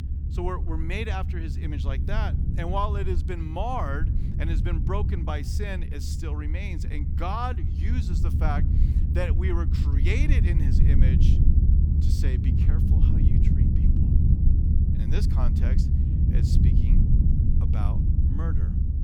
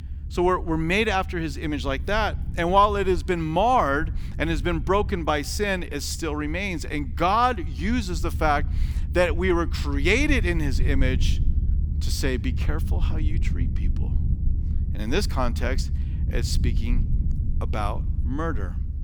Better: second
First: low rumble; loud; throughout; 4 dB below the speech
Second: low rumble; faint; throughout; 20 dB below the speech

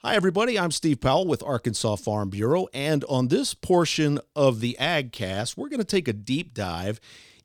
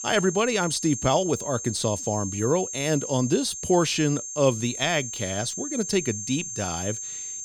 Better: first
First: none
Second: high-pitched whine; loud; throughout; 6.5 kHz, 6 dB below the speech

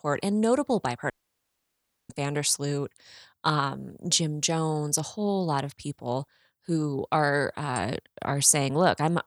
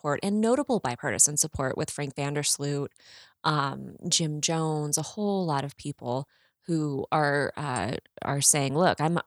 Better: second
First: audio cutting out; at 1 s for 1 s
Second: none

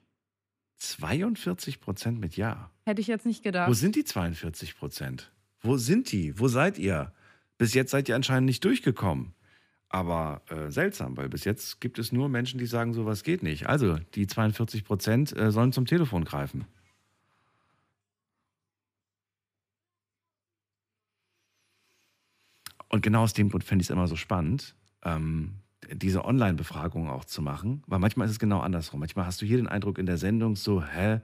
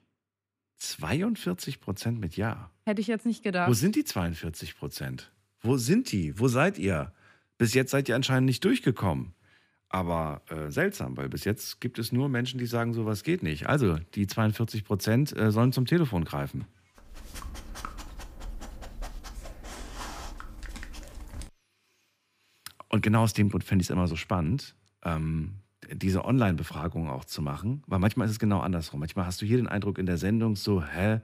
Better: first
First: none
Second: dog barking; faint; from 17 to 21 s; peak 10 dB below the speech

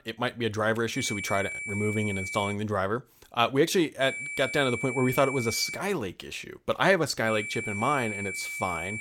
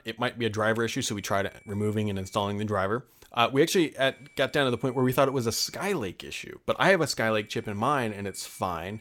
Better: second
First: high-pitched whine; loud; from 1 to 2.5 s, from 4 to 6 s and from 7.5 s on; 2.5 kHz, 6 dB below the speech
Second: high-pitched whine; faint; from 1 to 2.5 s, from 4 to 6 s and from 7.5 s on; 2.5 kHz, 30 dB below the speech

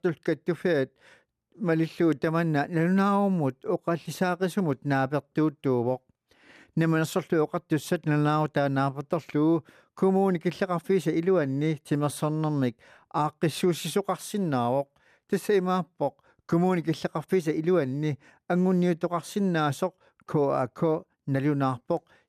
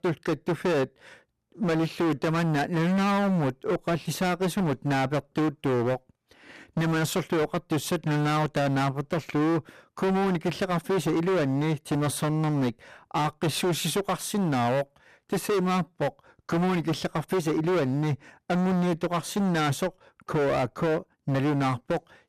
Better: first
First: none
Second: distortion; heavy; 25% of the sound clipped

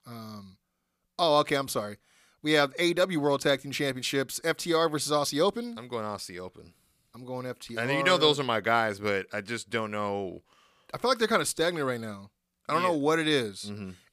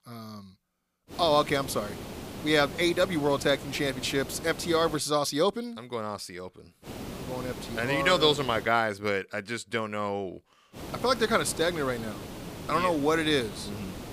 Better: first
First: none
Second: hiss; noticeable; from 1 to 5 s, from 7 to 8.5 s and from 11 s on; 15 dB below the speech

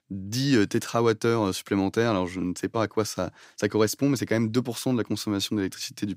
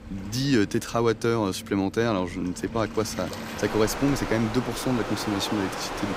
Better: first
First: none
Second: rain or running water; loud; throughout; 9 dB below the speech

